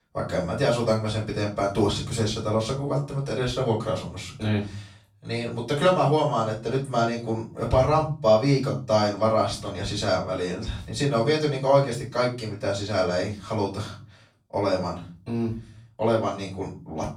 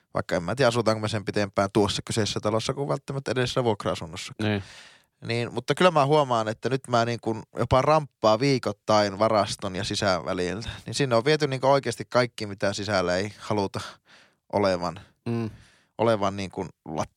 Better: second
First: off-mic speech; far // room echo; slight; dies away in 0.4 s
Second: none

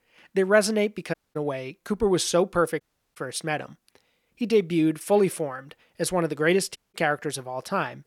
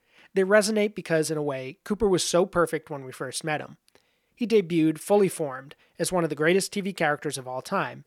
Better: second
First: audio cutting out; at 1 s, at 3 s and at 7 s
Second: none

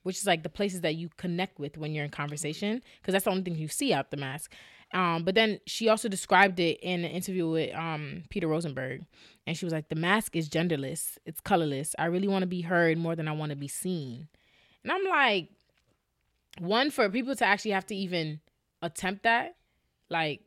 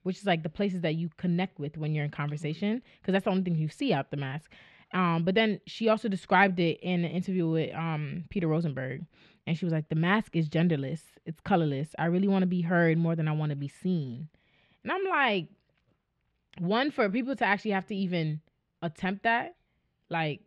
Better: first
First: none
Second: muffled; slightly; fading above 3 kHz

